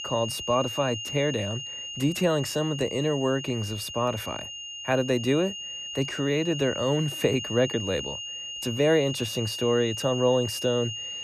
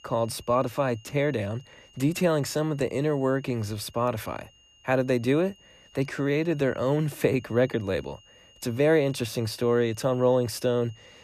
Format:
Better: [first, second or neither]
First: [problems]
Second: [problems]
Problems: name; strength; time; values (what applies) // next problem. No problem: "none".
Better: second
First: high-pitched whine; loud; throughout; 3 kHz, 7 dB below the speech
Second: high-pitched whine; faint; throughout; 3 kHz, 30 dB below the speech